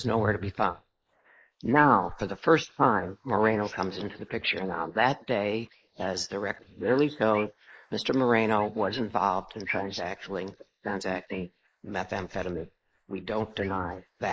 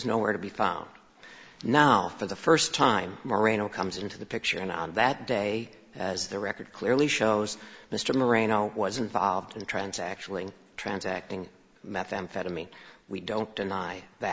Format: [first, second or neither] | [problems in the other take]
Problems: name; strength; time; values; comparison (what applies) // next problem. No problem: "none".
second | noise reduction (neural mask model Resemble Enhance denoiser)